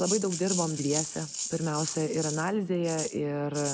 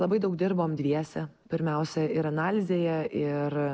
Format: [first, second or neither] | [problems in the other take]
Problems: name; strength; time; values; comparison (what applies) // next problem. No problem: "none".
second | background sound (Rattle (instrument)); 6 dB below the speech